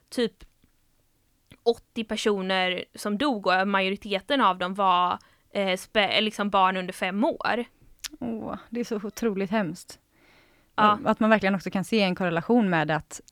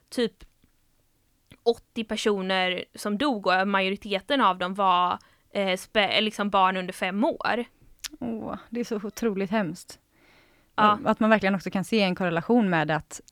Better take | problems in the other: neither | none

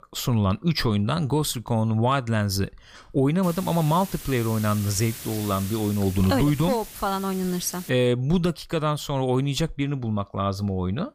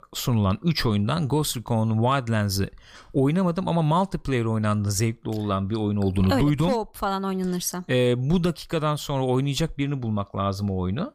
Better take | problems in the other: second | hiss; noticeable; from 3.5 to 8 s; 15 dB below the speech

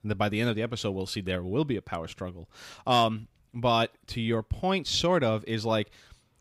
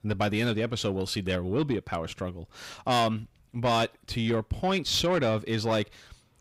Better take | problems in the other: first | distortion; slight; 10 dB below the speech

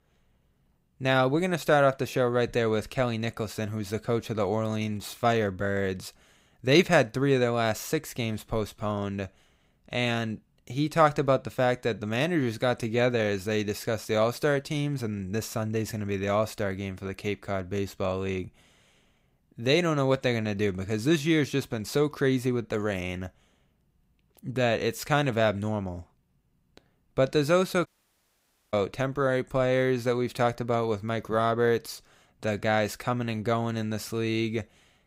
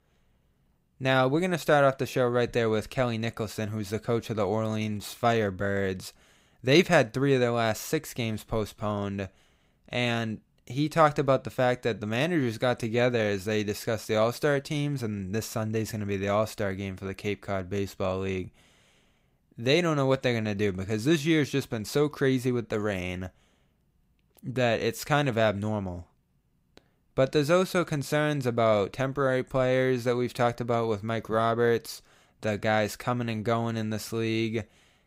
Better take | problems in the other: second | audio cutting out; at 28 s for 1 s

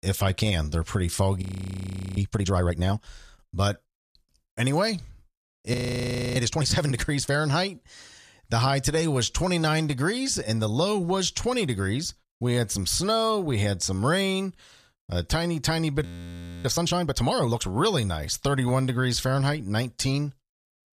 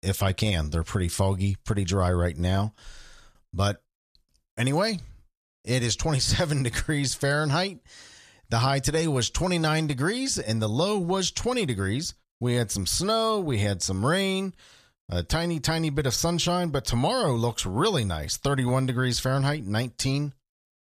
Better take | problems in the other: second | audio freezing; at 1.5 s for 1 s, at 5.5 s for 0.5 s and at 16 s for 0.5 s

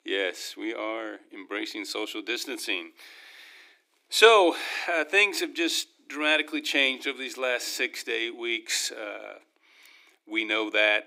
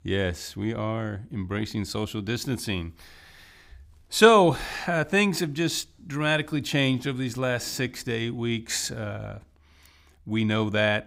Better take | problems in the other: second | thin; very; fading below 300 Hz

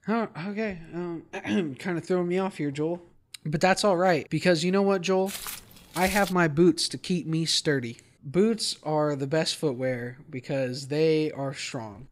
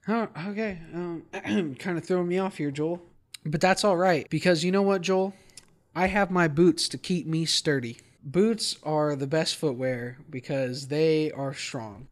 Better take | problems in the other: second | footsteps; noticeable; from 5.5 to 6.5 s; peak 7 dB below the speech

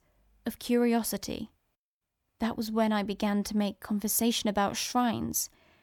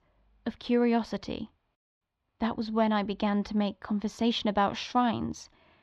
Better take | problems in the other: first | muffled; slightly; fading above 4 kHz

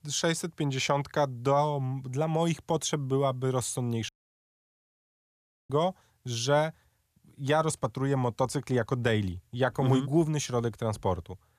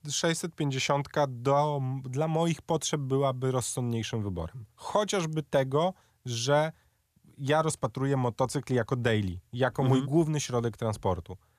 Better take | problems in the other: second | audio cutting out; at 4 s for 1.5 s

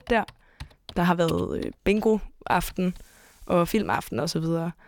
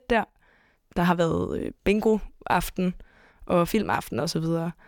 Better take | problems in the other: second | household noises; faint; until 4 s; 20 dB below the speech

